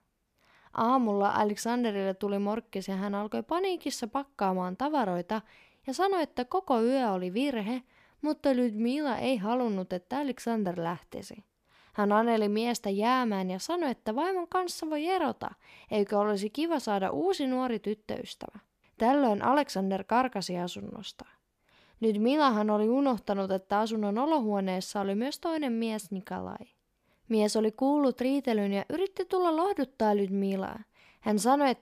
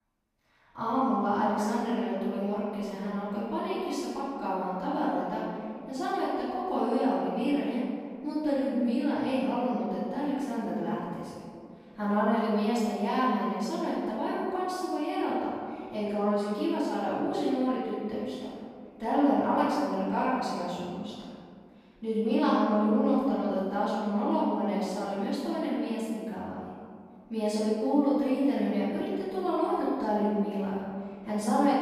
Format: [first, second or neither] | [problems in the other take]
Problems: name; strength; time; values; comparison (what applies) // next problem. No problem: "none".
first | off-mic speech; far // room echo; strong; dies away in 1.9 s